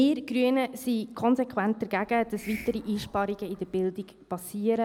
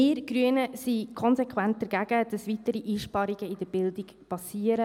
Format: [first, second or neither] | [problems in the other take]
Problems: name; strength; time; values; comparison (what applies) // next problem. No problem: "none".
second | background sound (Hiss); 20 dB below the speech